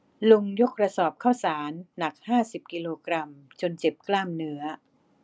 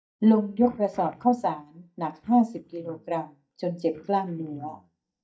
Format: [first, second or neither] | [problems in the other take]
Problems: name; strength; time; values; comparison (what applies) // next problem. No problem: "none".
first | noise reduction (neural mask model DeepFilterNet 3)